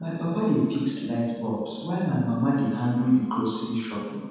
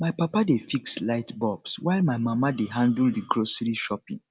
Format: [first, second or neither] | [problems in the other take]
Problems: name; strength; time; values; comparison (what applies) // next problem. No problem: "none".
second | room echo; dies away in 1.2 s